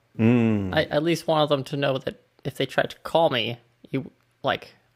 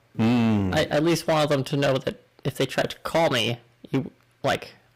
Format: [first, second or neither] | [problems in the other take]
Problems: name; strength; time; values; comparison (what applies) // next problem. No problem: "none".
first | distortion; heavy; 12% of the sound clipped